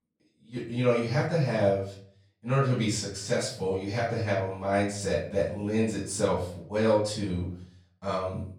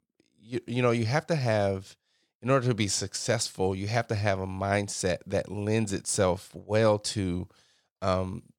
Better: second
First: off-mic speech; far // room echo; noticeable; dies away in 0.5 s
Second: none

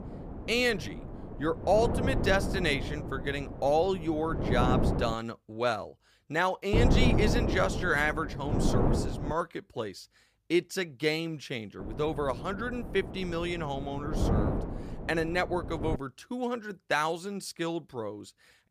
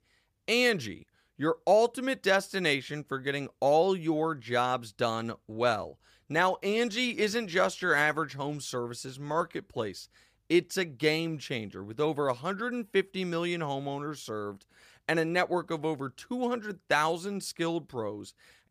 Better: second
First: wind noise on the microphone; heavy; until 5 s, from 6.5 to 9.5 s and from 12 to 16 s; 7 dB below the speech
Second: none

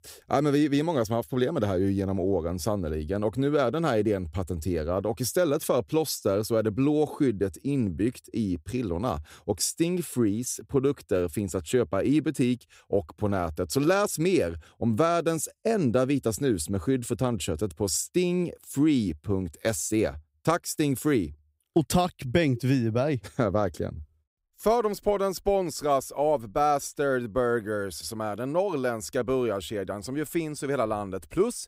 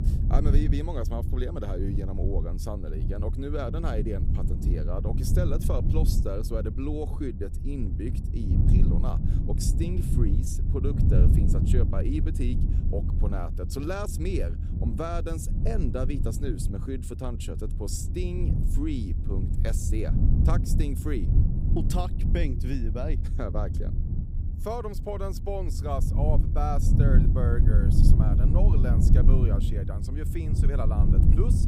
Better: first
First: none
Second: low rumble; loud; throughout; 4 dB below the speech

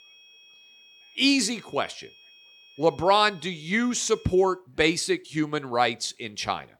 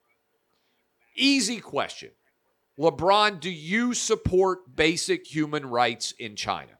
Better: second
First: high-pitched whine; faint; until 4.5 s; 3.5 kHz, 25 dB below the speech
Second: none

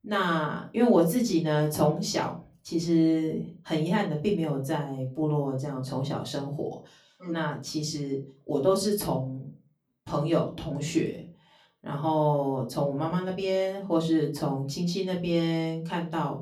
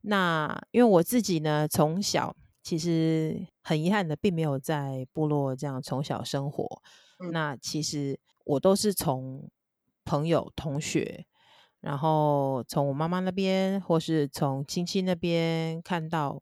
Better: second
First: off-mic speech; far // room echo; very slight; dies away in 0.3 s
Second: none

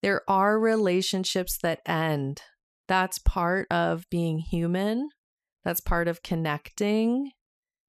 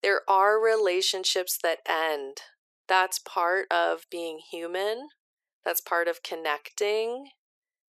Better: first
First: none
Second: thin; very; fading below 400 Hz

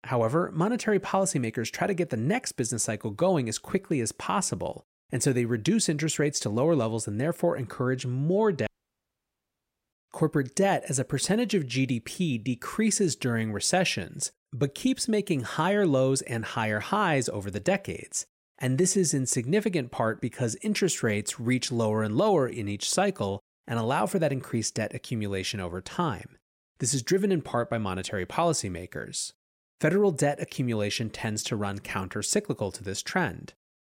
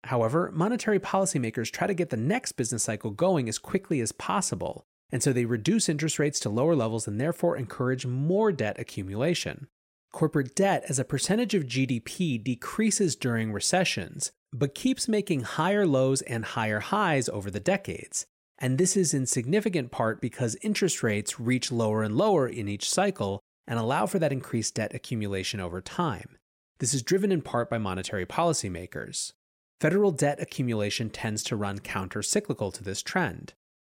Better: second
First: audio cutting out; at 8.5 s for 1.5 s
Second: none

